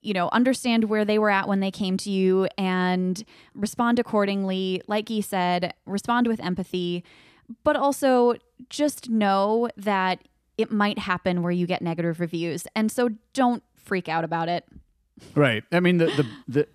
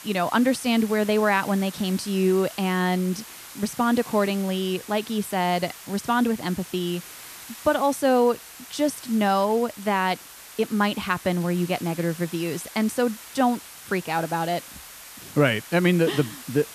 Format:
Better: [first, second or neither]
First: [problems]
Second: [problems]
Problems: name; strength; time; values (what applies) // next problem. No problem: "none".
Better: first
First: none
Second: hiss; noticeable; throughout; 15 dB below the speech